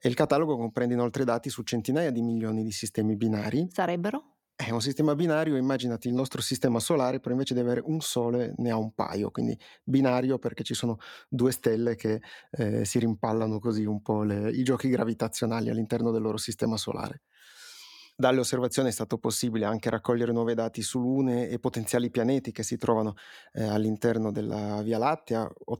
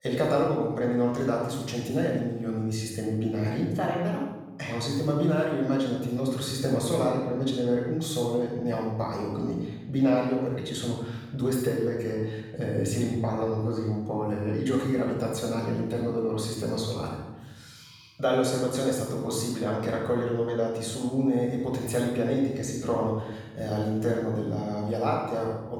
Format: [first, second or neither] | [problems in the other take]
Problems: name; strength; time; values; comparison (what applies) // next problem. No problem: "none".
first | off-mic speech; far // room echo; strong; dies away in 1 s